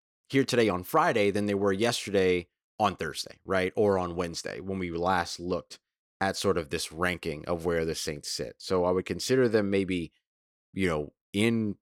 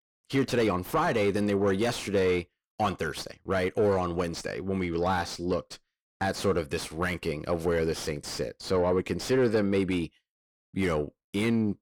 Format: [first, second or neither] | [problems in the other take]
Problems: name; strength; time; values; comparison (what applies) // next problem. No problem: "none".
first | distortion; slight; 9 dB below the speech